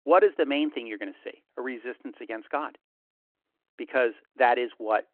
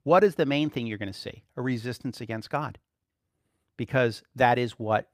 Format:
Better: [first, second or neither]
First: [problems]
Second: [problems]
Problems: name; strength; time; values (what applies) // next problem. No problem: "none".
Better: second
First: phone-call audio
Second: none